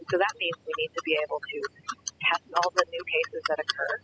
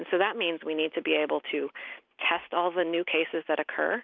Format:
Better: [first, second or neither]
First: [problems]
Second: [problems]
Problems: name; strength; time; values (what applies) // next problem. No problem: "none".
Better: second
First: noise reduction (classical method spectral subtraction)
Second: none